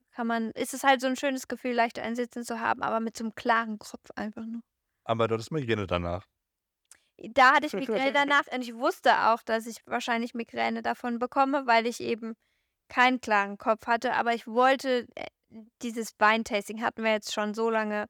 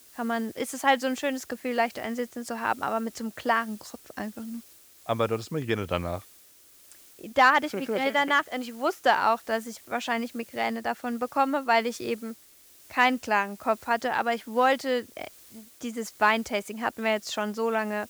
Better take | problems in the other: first | hiss; faint; throughout; 25 dB below the speech

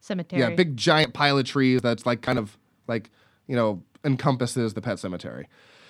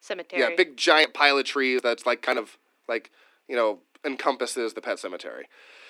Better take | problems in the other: first | thin; somewhat; fading below 300 Hz

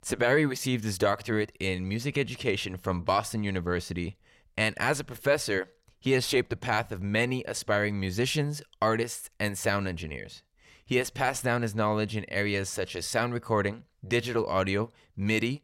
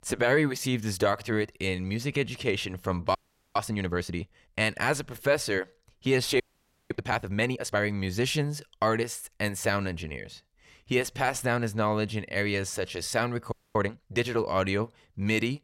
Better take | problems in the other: first | audio freezing; at 3 s, at 6.5 s for 0.5 s and at 14 s

